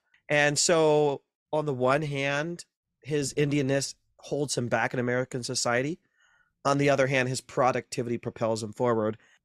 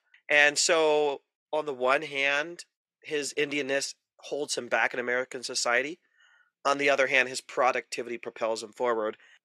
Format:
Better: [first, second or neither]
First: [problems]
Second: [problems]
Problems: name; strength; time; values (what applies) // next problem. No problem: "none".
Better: first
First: none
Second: thin; somewhat; fading below 400 Hz